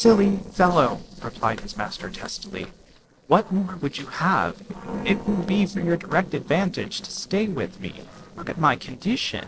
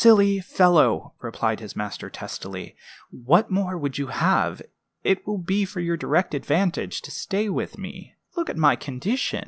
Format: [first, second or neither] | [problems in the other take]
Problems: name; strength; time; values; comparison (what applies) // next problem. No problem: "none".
second | noise reduction (neural separator model SepFormer DNS4)